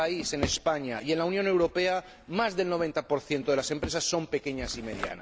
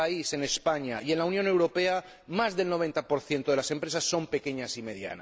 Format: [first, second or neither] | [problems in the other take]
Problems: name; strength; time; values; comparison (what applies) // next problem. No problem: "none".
second | background sound (Drawer open or close); 13 dB below the speech